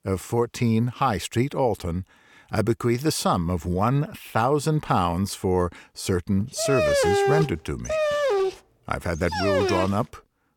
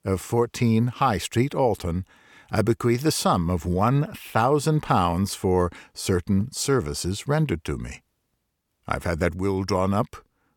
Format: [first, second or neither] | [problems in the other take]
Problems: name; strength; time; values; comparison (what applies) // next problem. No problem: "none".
second | dog barking; loud; from 6.5 to 10 s; peak 4 dB above the speech